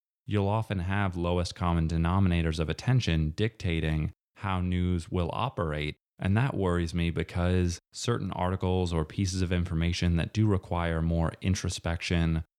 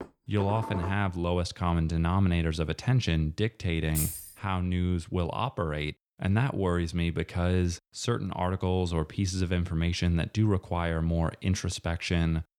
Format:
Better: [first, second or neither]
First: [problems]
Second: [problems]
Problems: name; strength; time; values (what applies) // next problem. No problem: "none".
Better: first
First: none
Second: clattering dishes; noticeable; until 1 s; peak 8 dB below the speech // jangling keys; noticeable; at 4 s; peak 3 dB below the speech